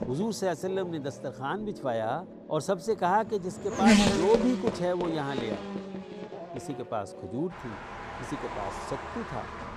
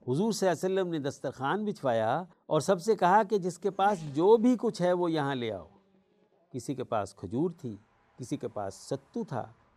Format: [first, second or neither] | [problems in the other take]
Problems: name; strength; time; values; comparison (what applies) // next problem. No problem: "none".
second | traffic noise; loud; throughout; as loud as the speech; faint in the second